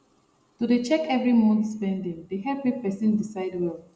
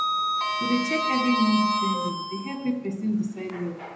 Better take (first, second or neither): first